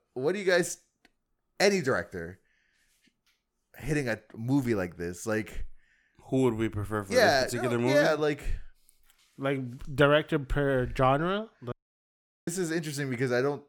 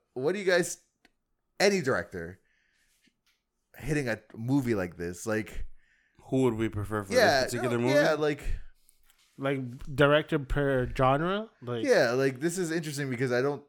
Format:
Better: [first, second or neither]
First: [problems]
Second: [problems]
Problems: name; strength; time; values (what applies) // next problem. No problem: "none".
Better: second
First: audio cutting out; at 12 s for 1 s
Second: none